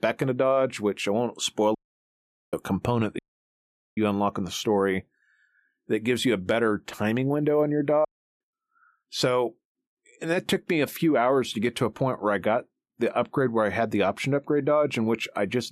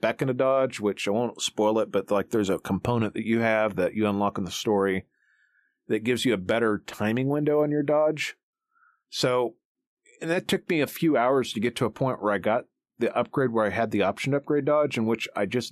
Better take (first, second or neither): second